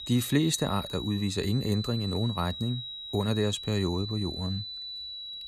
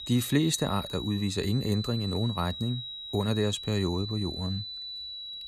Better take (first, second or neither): neither